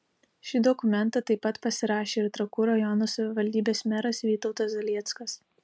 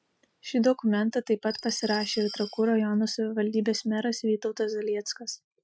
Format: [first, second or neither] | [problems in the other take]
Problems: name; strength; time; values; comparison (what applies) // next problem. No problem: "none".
first | noise reduction (classical method Wiener filter)